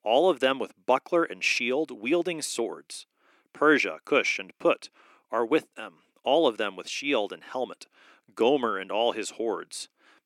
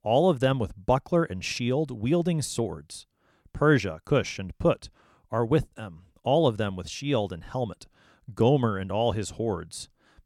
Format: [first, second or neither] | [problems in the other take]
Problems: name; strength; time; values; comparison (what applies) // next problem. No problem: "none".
second | thin; somewhat; fading below 300 Hz